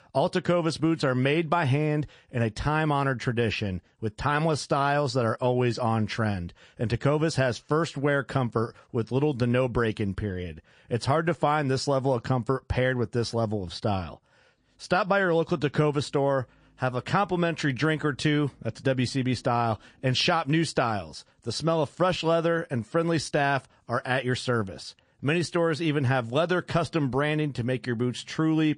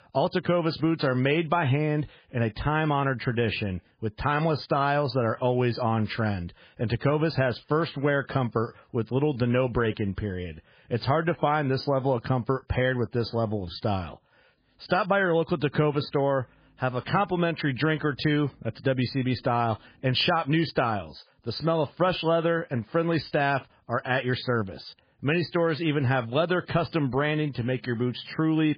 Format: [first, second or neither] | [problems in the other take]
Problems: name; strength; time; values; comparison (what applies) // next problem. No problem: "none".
first | garbled, watery; badly; nothing above 4.5 kHz; slightly in the first